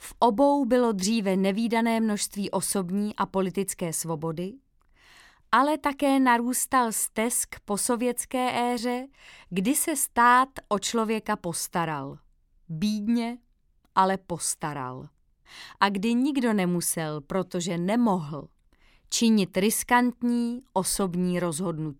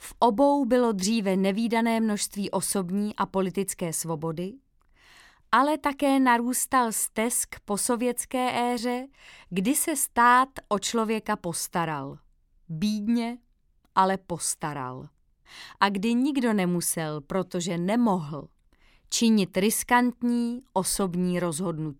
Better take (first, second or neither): neither